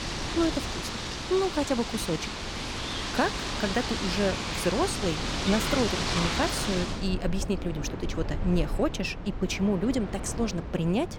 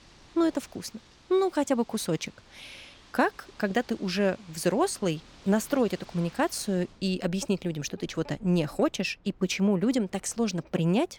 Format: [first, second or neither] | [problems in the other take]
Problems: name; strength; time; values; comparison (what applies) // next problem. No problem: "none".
second | wind in the background; loud; throughout; 2 dB below the speech; faint in the second